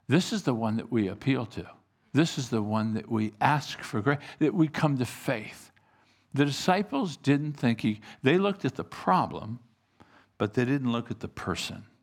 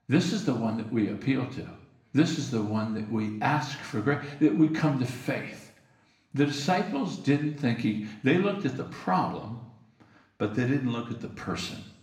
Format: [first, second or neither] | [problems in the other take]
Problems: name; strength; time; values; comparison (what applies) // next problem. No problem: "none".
first | room echo; slight; dies away in 0.7 s // off-mic speech; far